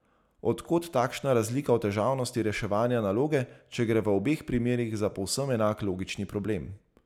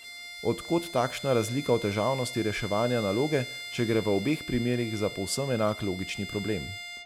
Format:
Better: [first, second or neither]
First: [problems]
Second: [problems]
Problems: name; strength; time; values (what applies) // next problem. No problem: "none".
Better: first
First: none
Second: background sound (Bowed string instrument); 12 dB below the speech